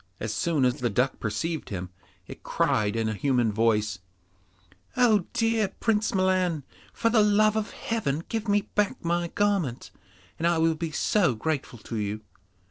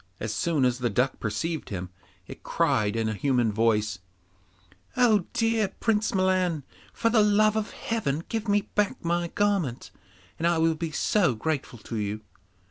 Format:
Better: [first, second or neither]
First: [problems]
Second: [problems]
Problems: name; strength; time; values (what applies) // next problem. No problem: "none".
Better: second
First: noise reduction (neural separator model SepFormer DNS4)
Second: none